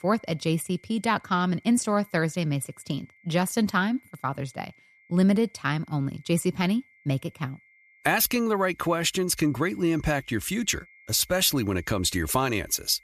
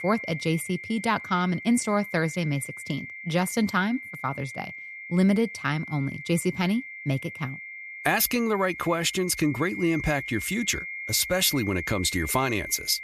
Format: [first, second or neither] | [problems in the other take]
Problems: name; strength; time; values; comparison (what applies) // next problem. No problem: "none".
first | high-pitched whine; loud; throughout; 2 kHz, 10 dB below the speech; faint in the first